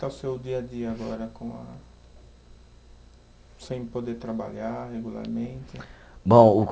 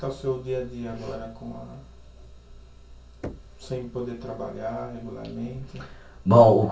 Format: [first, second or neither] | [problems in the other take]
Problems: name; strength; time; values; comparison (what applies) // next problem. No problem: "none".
first | background sound (Knock); 19 dB below the speech // room echo; dies away in 0.3 s